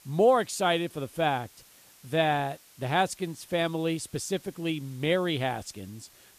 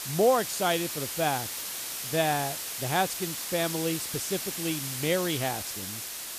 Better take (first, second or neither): first